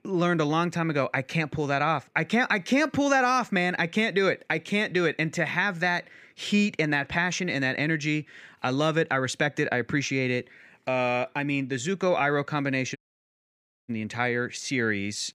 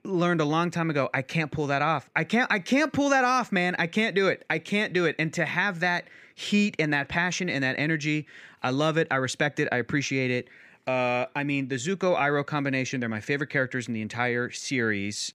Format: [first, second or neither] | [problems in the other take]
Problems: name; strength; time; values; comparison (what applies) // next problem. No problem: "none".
second | audio cutting out; at 13 s for 1 s